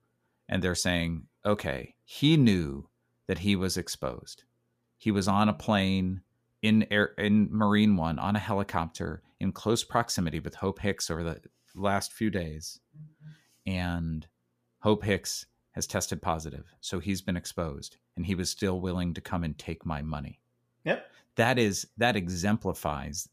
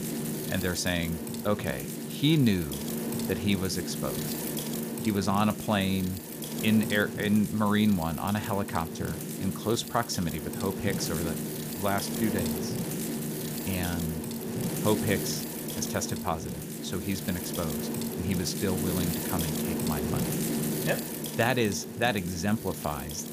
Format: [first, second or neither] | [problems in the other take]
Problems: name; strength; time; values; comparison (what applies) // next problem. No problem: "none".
first | wind noise on the microphone; heavy; 5 dB below the speech